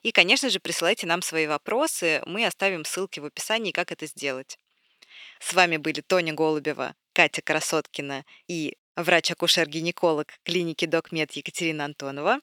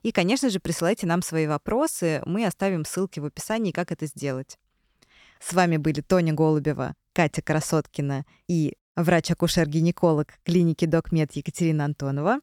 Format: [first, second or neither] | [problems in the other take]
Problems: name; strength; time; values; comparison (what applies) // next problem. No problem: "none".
second | thin; somewhat; fading below 350 Hz